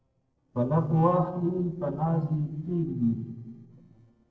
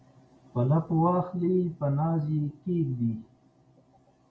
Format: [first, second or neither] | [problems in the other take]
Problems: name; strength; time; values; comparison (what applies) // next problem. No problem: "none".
second | noise reduction (neural separator model SepFormer DNS4)